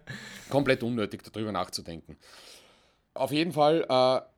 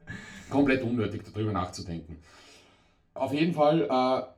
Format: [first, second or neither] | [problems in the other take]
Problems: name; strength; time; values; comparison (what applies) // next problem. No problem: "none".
first | room echo; very slight; dies away in 0.3 s // off-mic speech; far